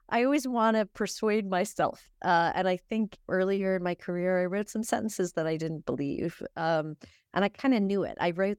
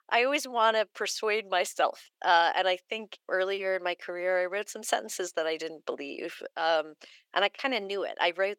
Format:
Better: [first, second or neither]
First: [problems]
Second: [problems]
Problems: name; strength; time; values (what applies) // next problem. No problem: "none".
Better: first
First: none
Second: thin; very; fading below 450 Hz